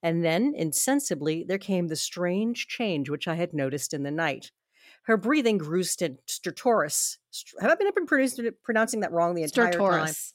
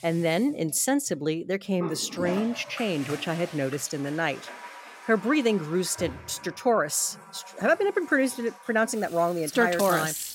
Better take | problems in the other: first | household noises; noticeable; throughout; 15 dB below the speech

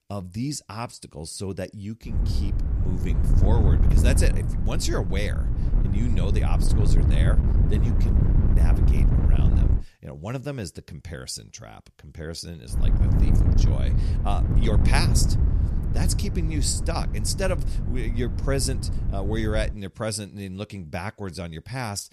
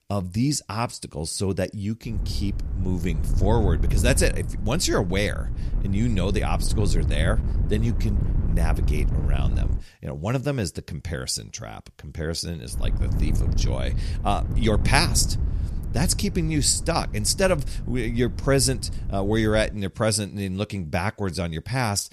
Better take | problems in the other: second | wind noise on the microphone; heavy; from 2 to 10 s and from 13 to 20 s; 4 dB below the speech; occasional gusts in the second

